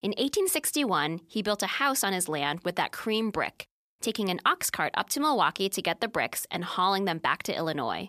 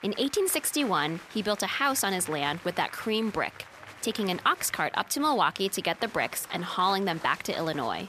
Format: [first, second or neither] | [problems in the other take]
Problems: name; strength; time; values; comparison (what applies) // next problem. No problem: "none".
first | crowd noise; noticeable; throughout; 20 dB below the speech